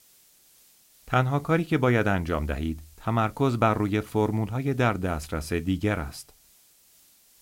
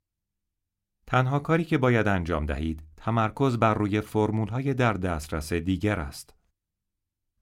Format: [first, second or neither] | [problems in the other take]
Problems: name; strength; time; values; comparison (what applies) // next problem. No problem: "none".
second | hiss; faint; throughout; 30 dB below the speech